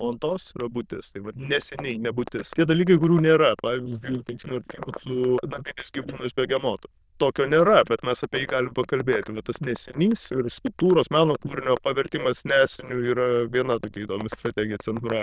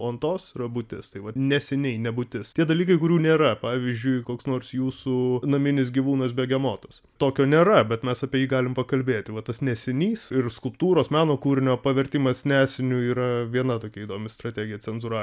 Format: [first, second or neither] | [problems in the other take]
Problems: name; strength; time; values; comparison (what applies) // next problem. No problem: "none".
second | noise reduction (neural diffusion model UNIVERSE++)